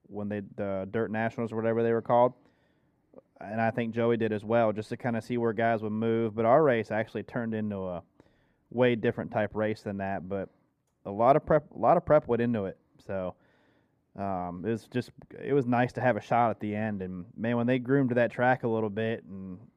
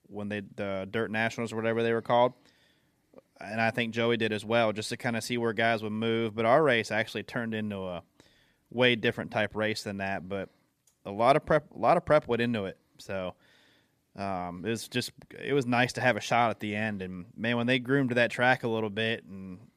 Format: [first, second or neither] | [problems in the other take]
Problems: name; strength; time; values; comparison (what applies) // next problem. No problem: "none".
second | muffled; very; fading above 2 kHz